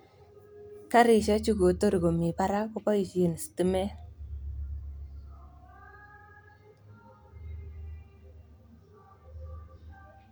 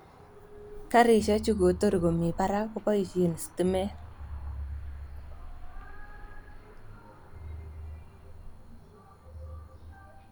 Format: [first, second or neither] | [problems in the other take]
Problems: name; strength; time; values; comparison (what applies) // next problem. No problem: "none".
first | background sound (Cricket / Motor vehicle (road)); 16 dB below the speech